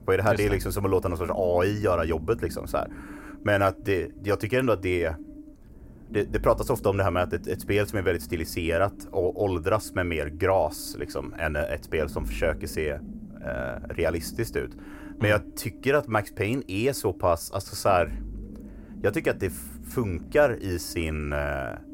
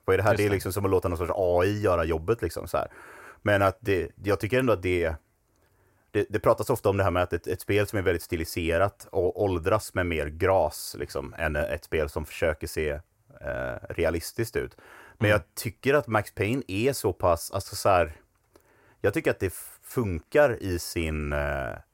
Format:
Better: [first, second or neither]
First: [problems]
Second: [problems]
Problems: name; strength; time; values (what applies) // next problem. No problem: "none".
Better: second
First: low rumble; faint; throughout; 20 dB below the speech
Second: none